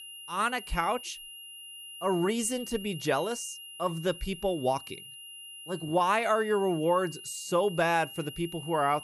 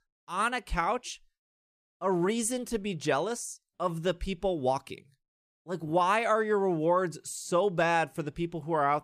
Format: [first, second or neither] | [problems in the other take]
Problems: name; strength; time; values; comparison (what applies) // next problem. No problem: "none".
second | high-pitched whine; noticeable; throughout; 3 kHz, 15 dB below the speech